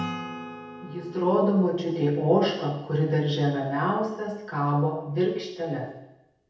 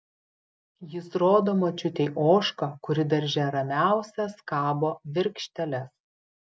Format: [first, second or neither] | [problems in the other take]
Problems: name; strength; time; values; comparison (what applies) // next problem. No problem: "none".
second | background sound (Acoustic guitar / Strum); 17 dB below the speech // room echo; dies away in 0.8 s